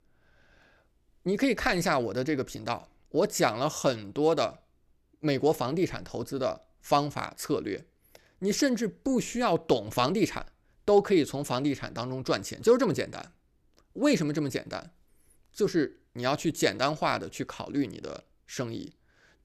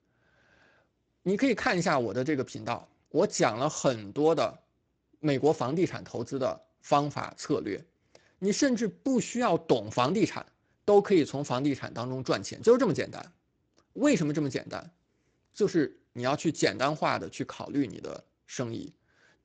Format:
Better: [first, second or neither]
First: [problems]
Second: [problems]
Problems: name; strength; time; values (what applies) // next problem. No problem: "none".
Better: first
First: none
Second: garbled, watery; slightly; nothing above 7.5 kHz